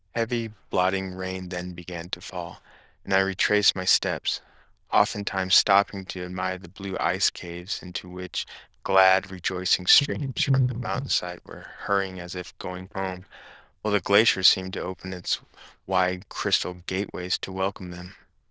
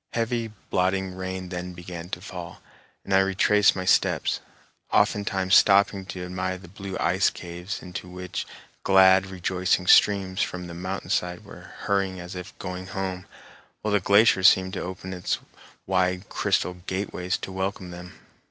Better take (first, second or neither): second